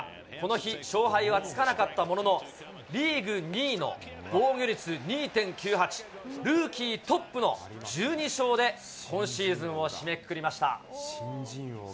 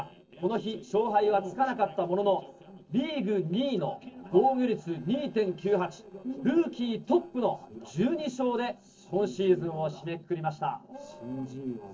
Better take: first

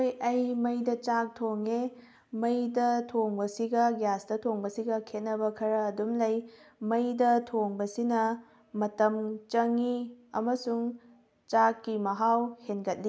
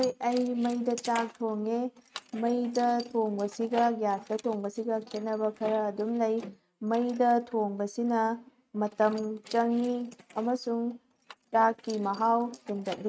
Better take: first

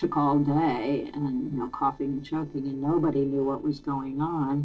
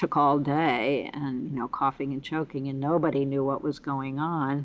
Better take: second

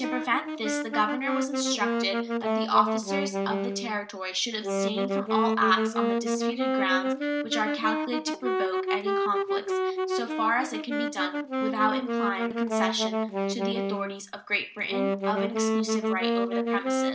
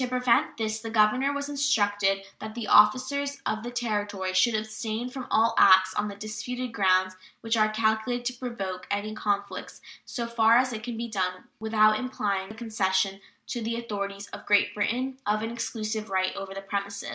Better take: second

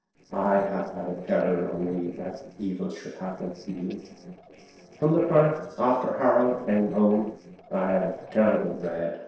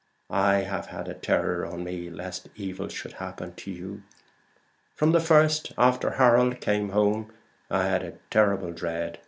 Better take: second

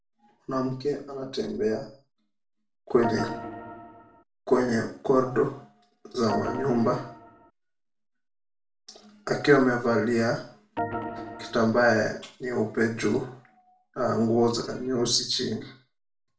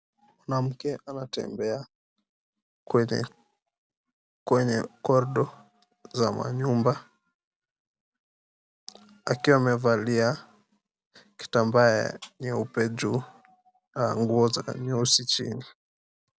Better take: second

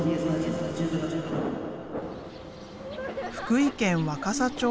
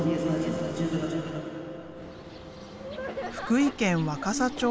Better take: second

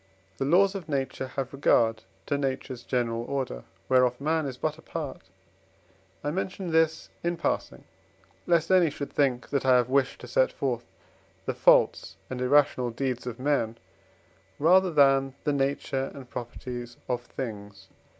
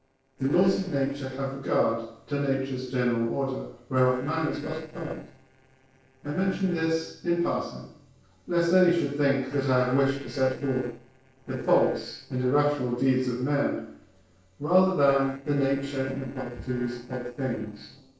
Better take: first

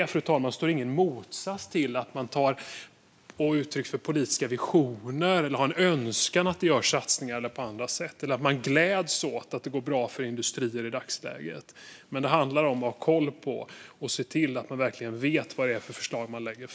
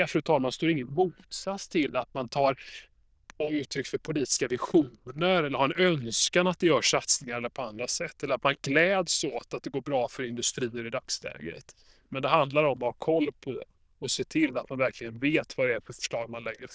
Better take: first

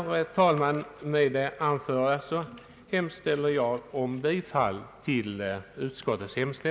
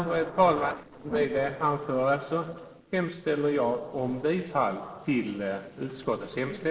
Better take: first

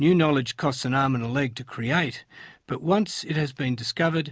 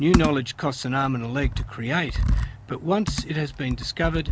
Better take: first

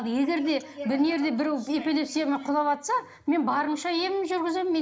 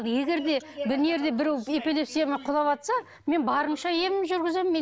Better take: second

